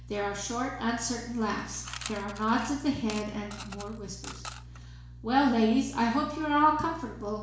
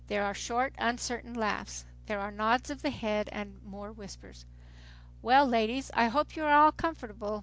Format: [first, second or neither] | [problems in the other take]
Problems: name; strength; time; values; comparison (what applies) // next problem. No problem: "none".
second | background sound (Coin (dropping) / Mechanisms); 16 dB below the speech // room echo; dies away in 0.7 s